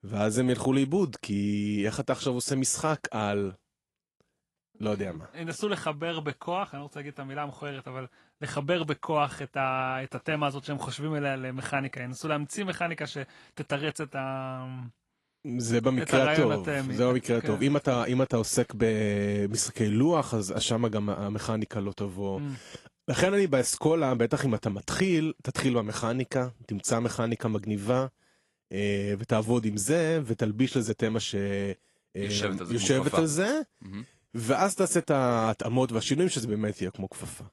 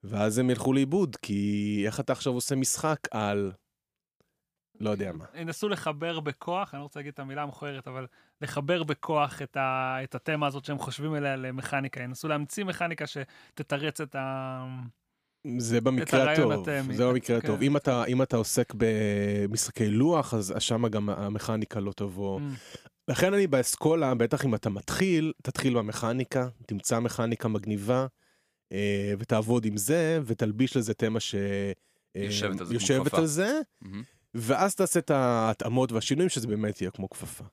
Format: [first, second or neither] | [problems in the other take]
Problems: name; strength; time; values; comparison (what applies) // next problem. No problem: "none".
second | garbled, watery; slightly; nothing above 11.5 kHz